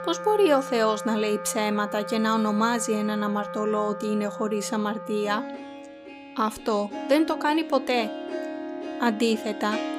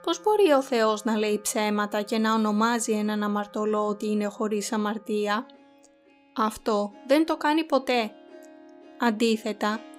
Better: second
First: background music; loud; throughout; 10 dB below the speech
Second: background music; faint; throughout; 25 dB below the speech

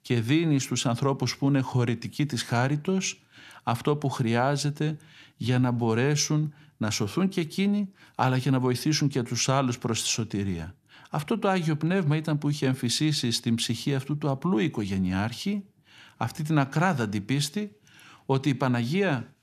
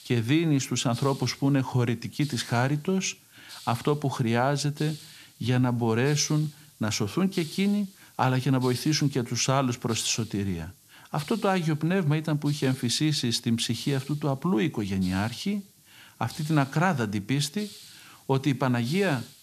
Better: first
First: none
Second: hiss; noticeable; throughout; 20 dB below the speech

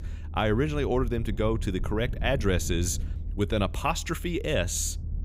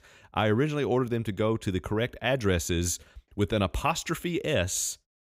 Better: second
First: low rumble; faint; throughout; 20 dB below the speech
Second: none

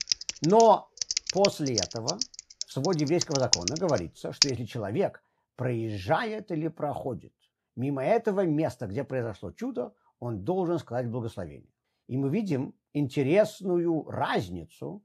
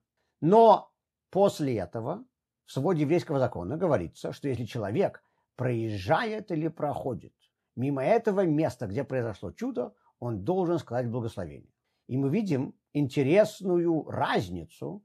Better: second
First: keyboard typing; loud; until 4.5 s; peak 4 dB above the speech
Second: none

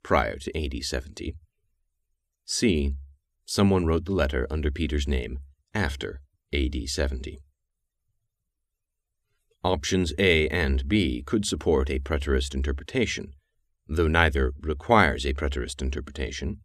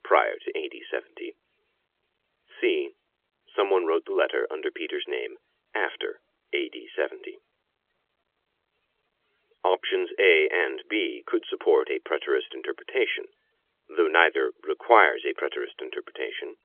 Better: first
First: none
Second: phone-call audio; nothing above 3.5 kHz

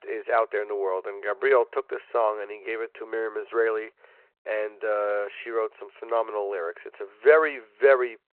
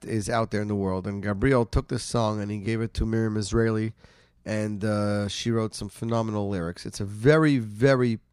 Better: second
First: phone-call audio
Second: none

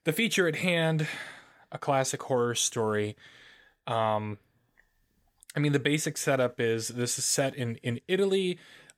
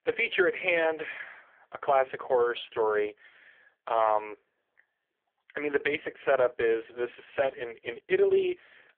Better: first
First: none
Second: phone-call audio; poor line; nothing above 3.5 kHz

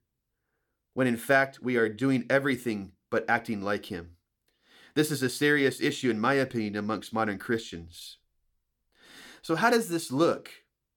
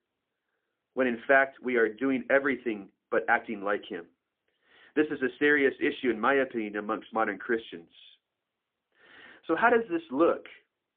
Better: first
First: none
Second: phone-call audio; poor line

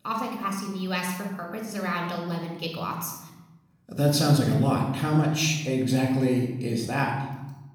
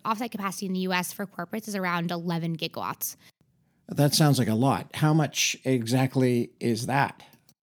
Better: second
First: off-mic speech; somewhat distant // room echo; noticeable; dies away in 0.9 s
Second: none

